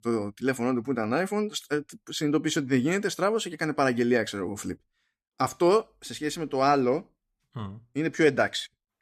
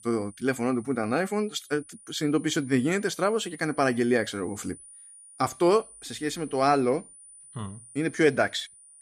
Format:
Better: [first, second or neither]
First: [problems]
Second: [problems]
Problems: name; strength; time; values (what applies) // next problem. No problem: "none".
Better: first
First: none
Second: high-pitched whine; faint; throughout; 9.5 kHz, 20 dB below the speech